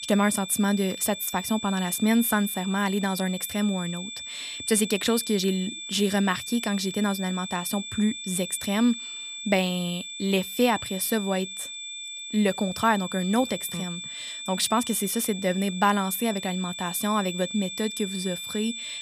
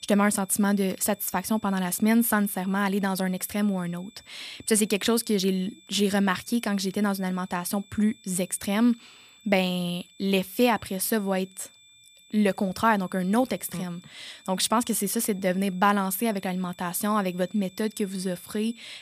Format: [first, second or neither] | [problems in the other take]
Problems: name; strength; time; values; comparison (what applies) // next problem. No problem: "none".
second | high-pitched whine; loud; throughout; 3.5 kHz, 8 dB below the speech; faint in the second